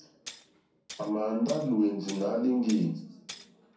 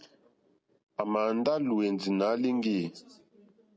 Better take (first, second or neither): second